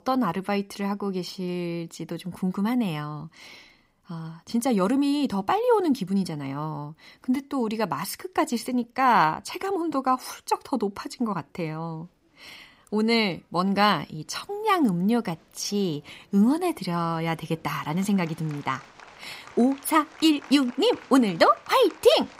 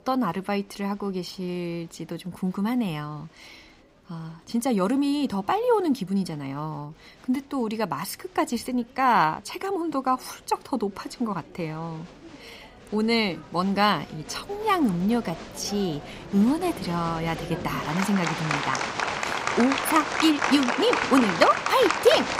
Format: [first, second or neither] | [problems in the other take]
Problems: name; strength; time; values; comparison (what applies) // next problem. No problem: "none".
first | crowd noise; loud; throughout; 3 dB below the speech; faint in the first